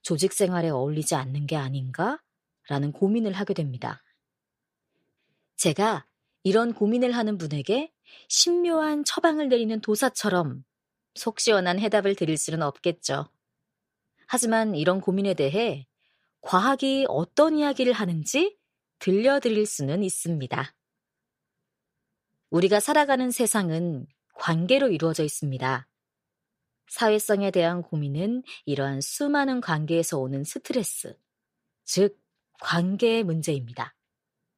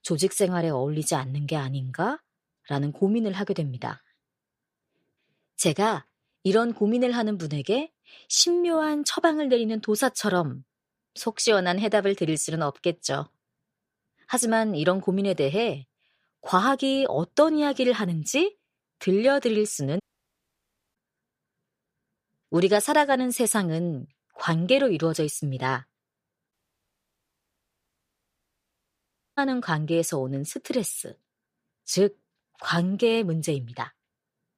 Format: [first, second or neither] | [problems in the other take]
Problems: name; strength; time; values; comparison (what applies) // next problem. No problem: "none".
first | audio cutting out; at 20 s for 1 s and at 27 s for 3 s